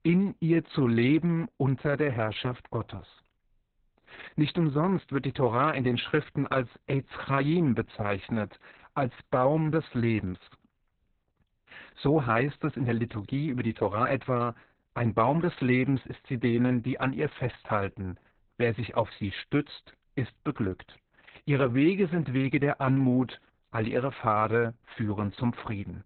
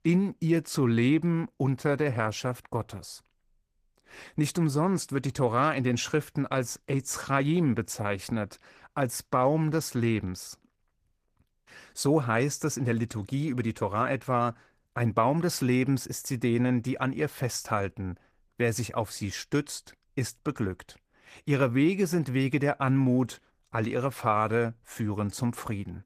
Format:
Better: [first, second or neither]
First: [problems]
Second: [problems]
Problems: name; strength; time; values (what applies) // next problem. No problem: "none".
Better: second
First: garbled, watery; badly; nothing above 4 kHz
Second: garbled, watery; slightly; nothing above 14.5 kHz